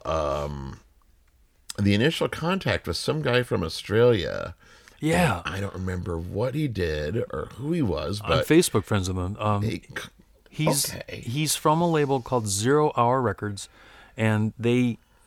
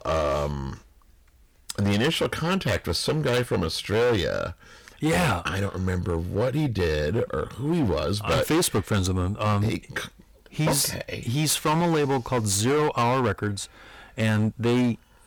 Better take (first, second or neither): first